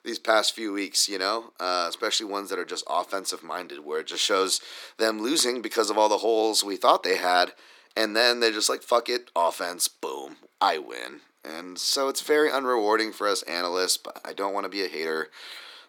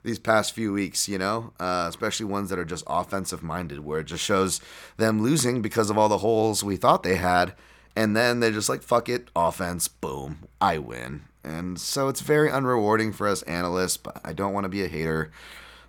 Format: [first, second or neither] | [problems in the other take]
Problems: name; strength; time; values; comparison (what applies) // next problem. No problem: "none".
second | thin; somewhat; fading below 300 Hz